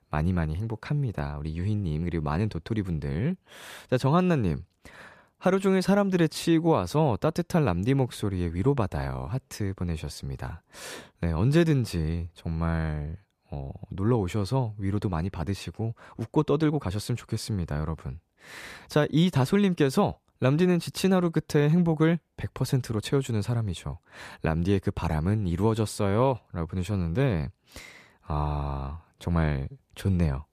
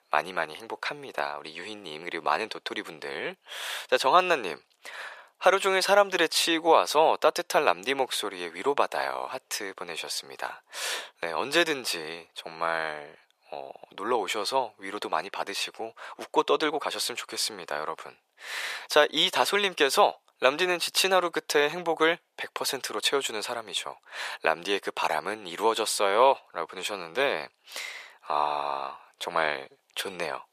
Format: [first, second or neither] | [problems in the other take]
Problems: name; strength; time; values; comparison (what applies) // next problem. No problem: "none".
first | thin; very; fading below 550 Hz